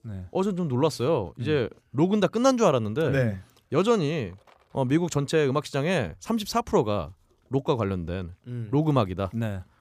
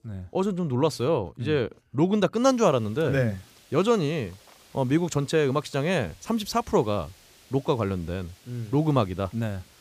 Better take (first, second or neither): first